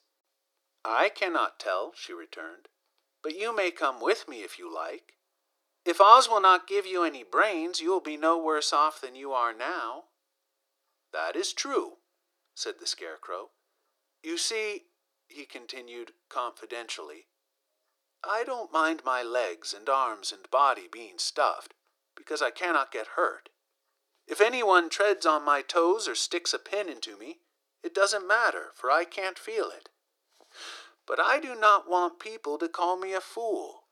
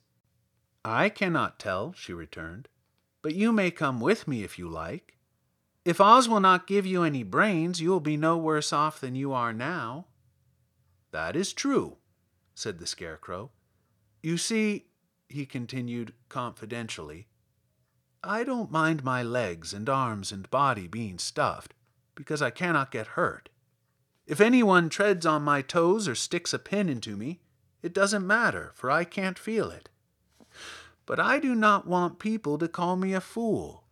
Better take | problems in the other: second | thin; very; fading below 350 Hz

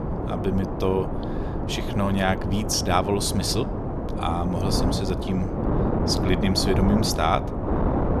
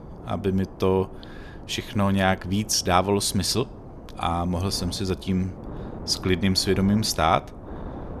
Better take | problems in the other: second | wind noise on the microphone; heavy; 4 dB below the speech; occasional gusts in the second

